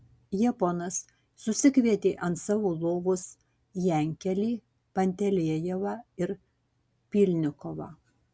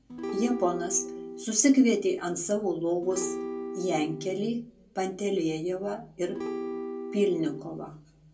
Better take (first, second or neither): first